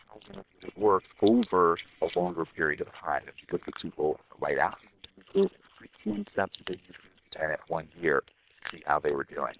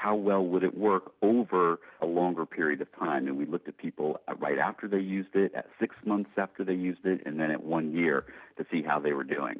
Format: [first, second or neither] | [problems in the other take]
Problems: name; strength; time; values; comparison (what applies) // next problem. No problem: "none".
second | noise reduction (neural separator model SepFormer WHAM!)